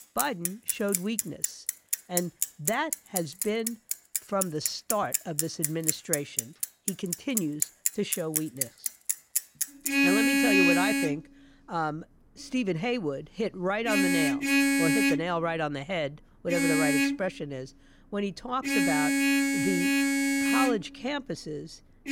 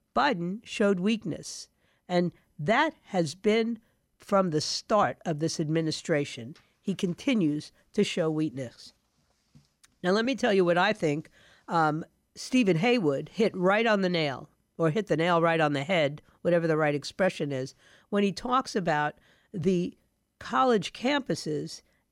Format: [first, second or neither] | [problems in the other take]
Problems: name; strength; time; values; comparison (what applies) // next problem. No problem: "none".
second | traffic noise; very loud; throughout; 5 dB above the speech